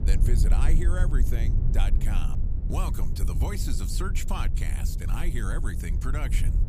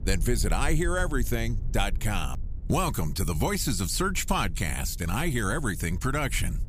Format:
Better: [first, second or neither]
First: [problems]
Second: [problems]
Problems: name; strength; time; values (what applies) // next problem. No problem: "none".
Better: second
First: low rumble; loud; throughout; 7 dB below the speech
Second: low rumble; faint; throughout; 25 dB below the speech